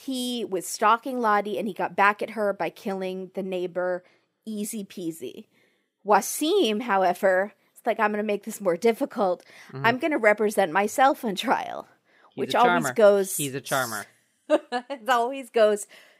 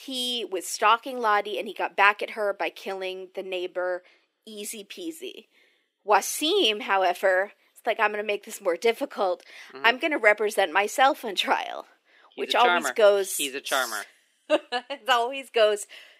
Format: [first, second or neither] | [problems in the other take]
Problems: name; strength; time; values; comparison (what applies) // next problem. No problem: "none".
first | thin; somewhat; fading below 300 Hz